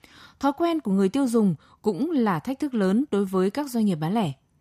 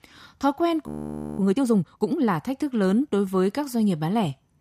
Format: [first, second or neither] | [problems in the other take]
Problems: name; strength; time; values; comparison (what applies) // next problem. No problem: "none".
first | audio freezing; at 1 s for 0.5 s